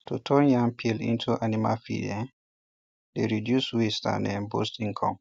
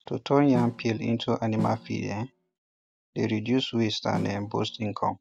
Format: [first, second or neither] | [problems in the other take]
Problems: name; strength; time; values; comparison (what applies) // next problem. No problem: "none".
first | background sound (Snare drum); 10 dB below the speech